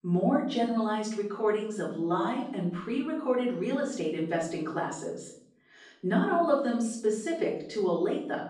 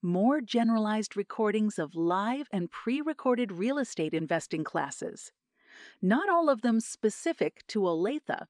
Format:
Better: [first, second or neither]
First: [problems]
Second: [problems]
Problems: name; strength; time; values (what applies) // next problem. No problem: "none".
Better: second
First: room echo; noticeable; dies away in 0.6 s // off-mic speech; far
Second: none